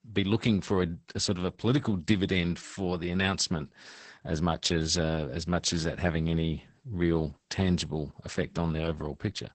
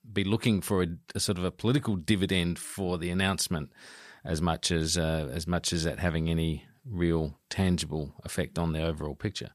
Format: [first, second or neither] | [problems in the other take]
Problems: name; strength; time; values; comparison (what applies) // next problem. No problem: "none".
second | garbled, watery; badly; nothing above 8 kHz